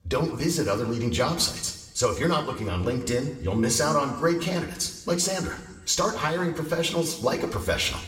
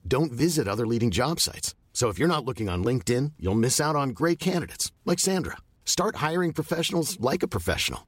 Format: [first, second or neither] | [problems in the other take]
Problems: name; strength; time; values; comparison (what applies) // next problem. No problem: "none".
second | room echo; slight; dies away in 1 s // off-mic speech; somewhat distant